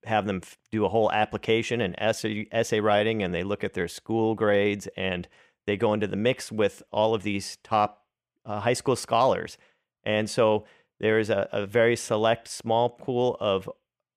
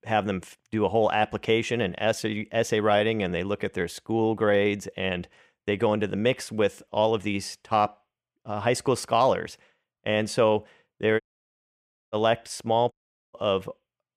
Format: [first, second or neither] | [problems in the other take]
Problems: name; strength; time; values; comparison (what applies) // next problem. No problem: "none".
first | audio cutting out; at 11 s for 1 s and at 13 s